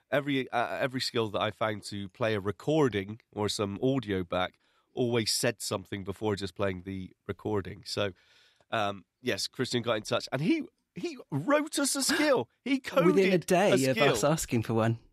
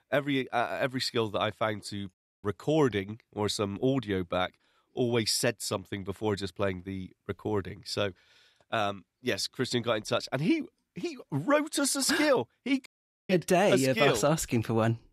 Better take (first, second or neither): first